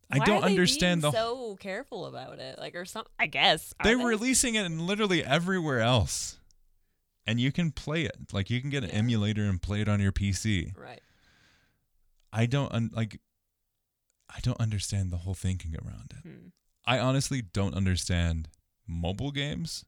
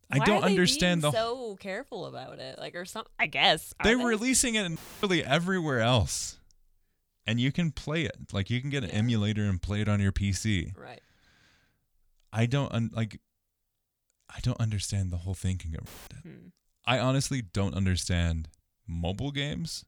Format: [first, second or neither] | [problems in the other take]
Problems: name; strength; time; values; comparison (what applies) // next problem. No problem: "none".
first | audio cutting out; filled with static; at 5 s and at 16 s